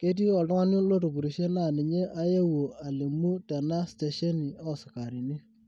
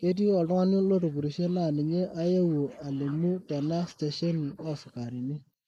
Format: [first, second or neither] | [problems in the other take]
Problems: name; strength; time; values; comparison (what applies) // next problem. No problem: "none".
first | noise reduction (neural mask model Resemble Enhance denoiser)